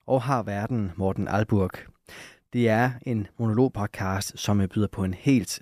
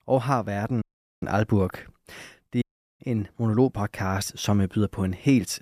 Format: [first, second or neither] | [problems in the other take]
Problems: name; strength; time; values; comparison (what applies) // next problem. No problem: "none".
first | audio cutting out; at 1 s and at 2.5 s